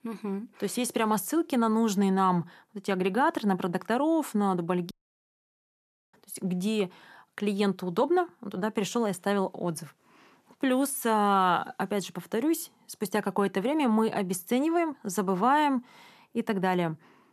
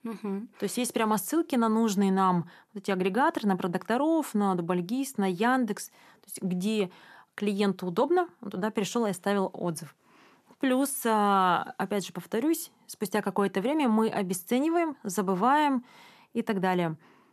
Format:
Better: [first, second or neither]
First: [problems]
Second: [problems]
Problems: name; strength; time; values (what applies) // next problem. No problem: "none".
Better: second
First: audio cutting out; at 5 s for 1 s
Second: none